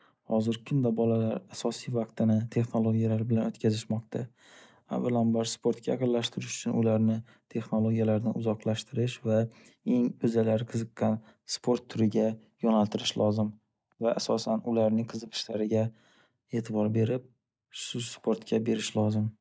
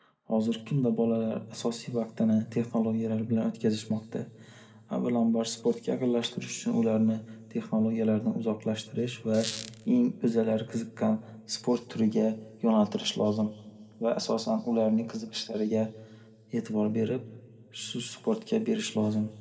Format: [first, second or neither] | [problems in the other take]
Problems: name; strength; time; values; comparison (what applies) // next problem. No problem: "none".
first | background sound (Squeak); 11 dB below the speech // room echo; dies away in 1.3 s